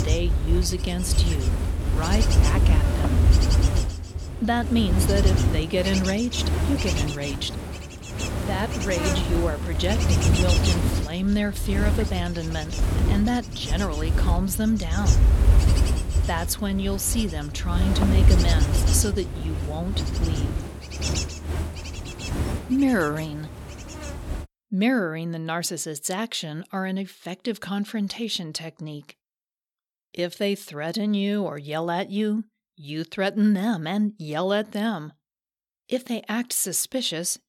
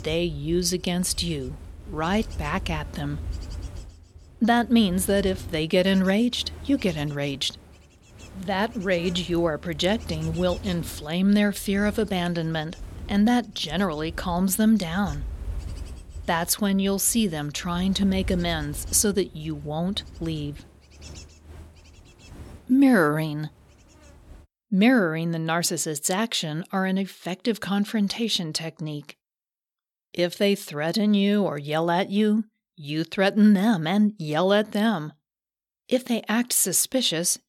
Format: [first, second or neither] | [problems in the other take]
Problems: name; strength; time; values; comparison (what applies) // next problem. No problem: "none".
second | wind noise on the microphone; heavy; until 24 s; 3 dB below the speech; occasional gusts in the second